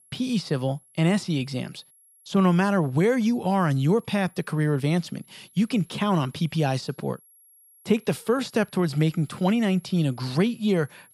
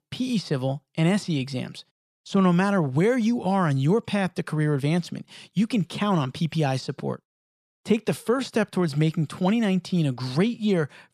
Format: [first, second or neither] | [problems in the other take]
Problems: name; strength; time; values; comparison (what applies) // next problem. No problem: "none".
second | high-pitched whine; faint; throughout; 11 kHz, 30 dB below the speech